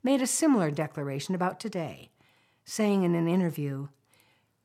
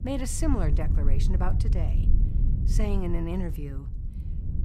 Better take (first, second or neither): first